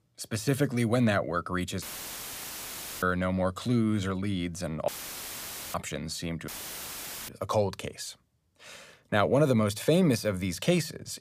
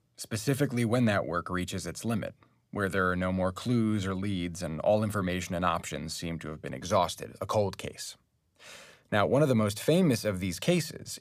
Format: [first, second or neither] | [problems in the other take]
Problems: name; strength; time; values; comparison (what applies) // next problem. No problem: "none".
second | audio cutting out; filled with static; at 2 s for 1 s, at 5 s for 1 s and at 6.5 s for 1 s